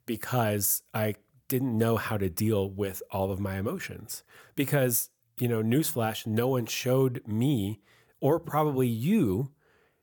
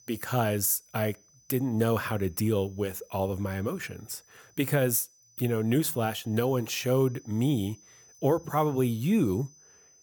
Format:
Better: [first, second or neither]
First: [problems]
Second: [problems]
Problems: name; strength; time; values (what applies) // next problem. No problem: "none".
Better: first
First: none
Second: high-pitched whine; faint; throughout; 6 kHz, 30 dB below the speech